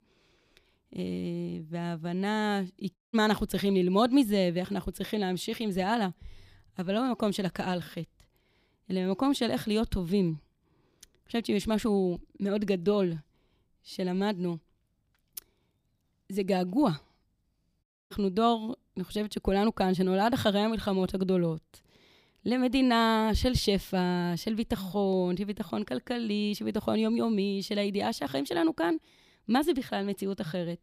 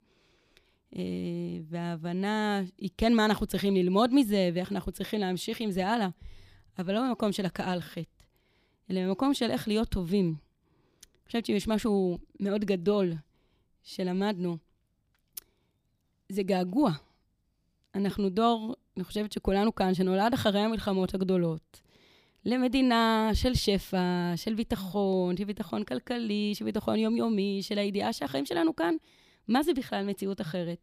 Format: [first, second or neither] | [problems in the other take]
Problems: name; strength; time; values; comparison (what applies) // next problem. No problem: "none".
second | audio cutting out; at 3 s and at 18 s